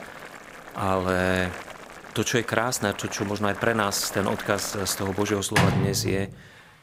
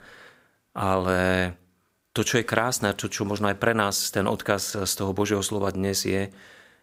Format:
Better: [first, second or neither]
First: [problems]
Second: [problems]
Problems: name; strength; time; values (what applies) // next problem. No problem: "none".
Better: second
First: household noises; loud; throughout; 7 dB below the speech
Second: none